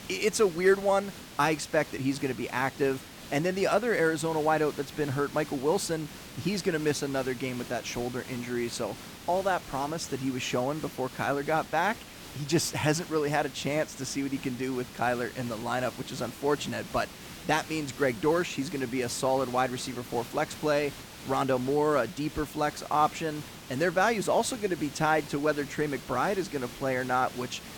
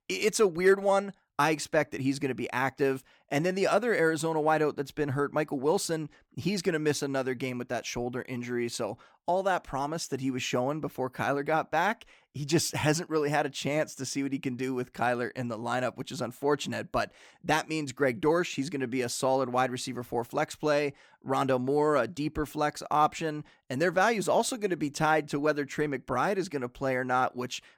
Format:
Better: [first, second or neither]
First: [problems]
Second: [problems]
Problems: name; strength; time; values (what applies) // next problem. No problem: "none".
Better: second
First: hiss; noticeable; throughout; 15 dB below the speech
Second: none